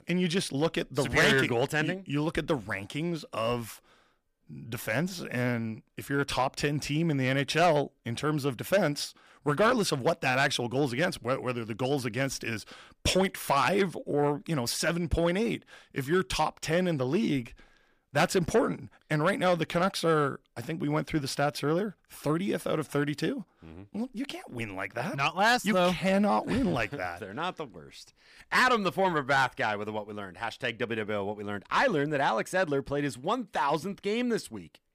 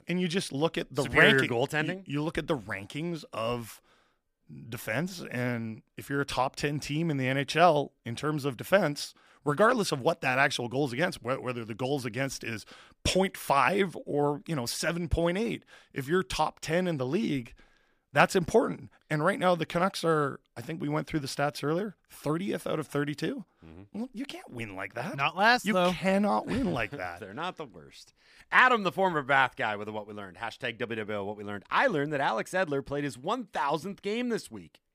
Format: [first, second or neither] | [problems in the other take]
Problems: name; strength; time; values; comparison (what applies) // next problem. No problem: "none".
second | distortion; slight; 10 dB below the speech